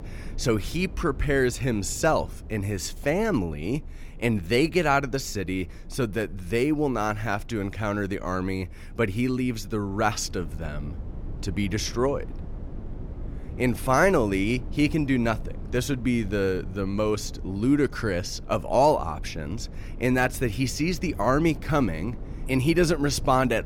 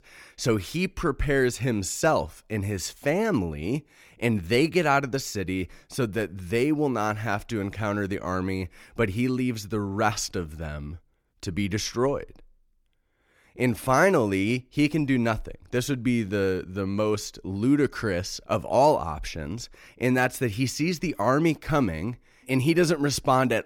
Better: second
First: low rumble; faint; throughout; 25 dB below the speech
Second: none

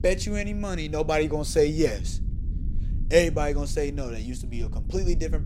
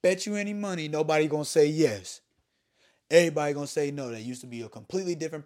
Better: second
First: low rumble; faint; throughout; 20 dB below the speech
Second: none

